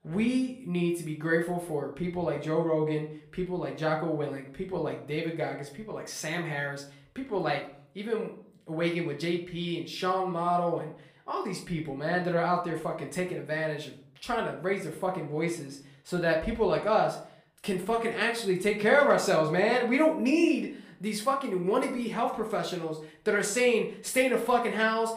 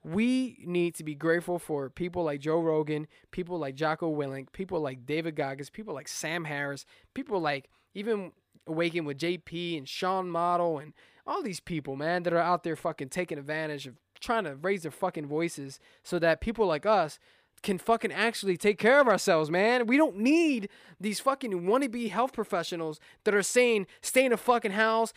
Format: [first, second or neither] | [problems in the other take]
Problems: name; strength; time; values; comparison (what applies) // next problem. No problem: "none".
second | room echo; slight; dies away in 0.4 s // off-mic speech; somewhat distant